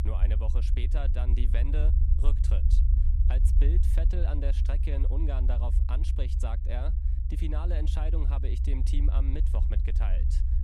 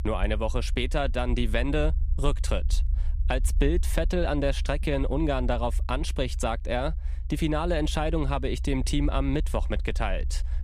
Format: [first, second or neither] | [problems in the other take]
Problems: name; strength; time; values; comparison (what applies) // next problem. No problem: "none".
second | low rumble; loud; throughout; 5 dB below the speech; faint in the second